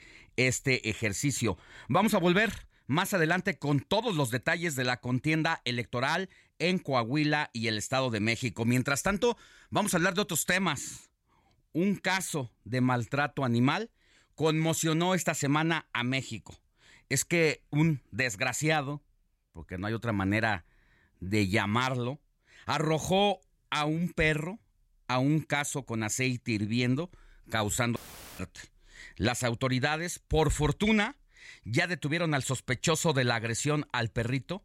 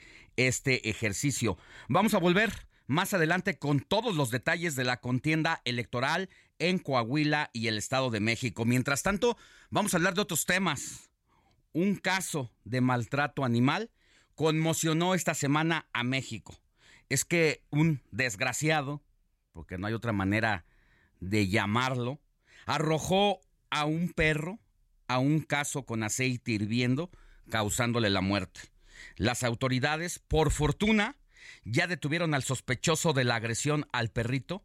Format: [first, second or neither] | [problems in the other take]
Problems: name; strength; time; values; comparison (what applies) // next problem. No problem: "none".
second | audio cutting out; filled with static; at 28 s